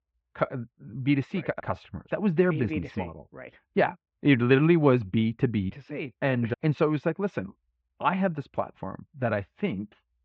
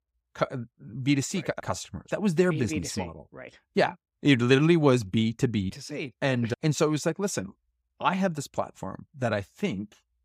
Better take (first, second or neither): second